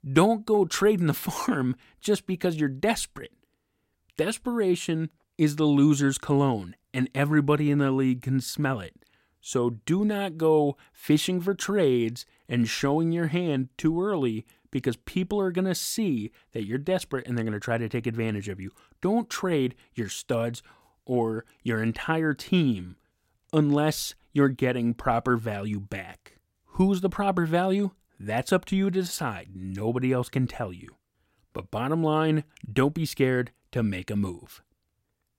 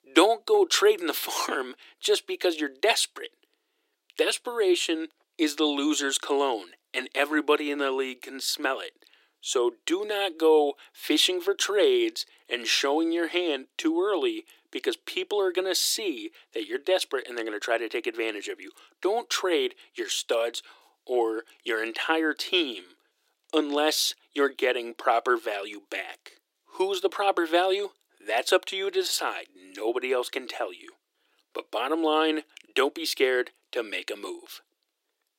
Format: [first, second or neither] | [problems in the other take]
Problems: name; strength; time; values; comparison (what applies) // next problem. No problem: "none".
first | thin; very; fading below 350 Hz